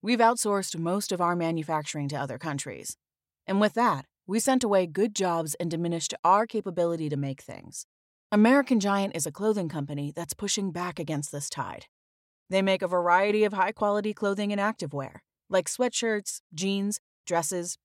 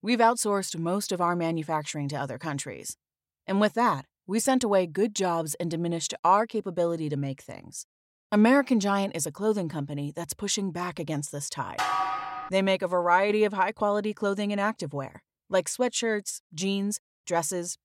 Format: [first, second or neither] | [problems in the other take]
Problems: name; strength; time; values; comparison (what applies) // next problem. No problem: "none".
first | clattering dishes; noticeable; at 12 s; peak level with the speech